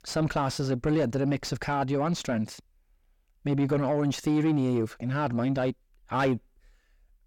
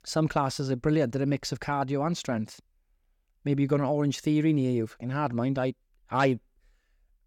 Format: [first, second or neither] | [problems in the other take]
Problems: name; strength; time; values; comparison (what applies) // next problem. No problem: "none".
second | distortion; slight; 10 dB below the speech